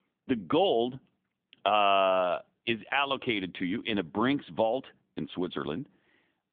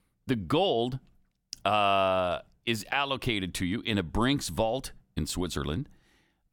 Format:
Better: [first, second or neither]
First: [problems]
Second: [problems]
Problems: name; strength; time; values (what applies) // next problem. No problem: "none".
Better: second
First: phone-call audio; nothing above 3.5 kHz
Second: none